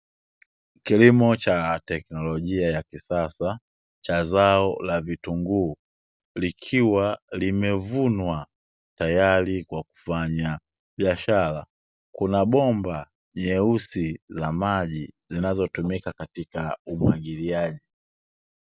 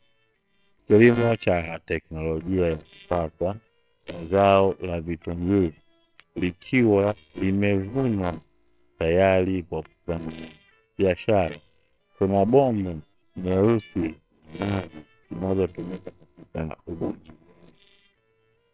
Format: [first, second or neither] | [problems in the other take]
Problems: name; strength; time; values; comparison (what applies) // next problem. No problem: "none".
first | noise reduction (neural separator model SepFormer WHAMR!)